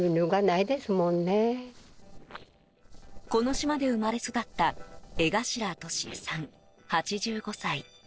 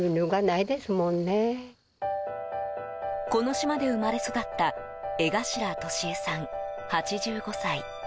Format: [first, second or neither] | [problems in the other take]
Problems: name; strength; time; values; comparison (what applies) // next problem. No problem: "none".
second | noise reduction (neural separator model SepFormer DNS4)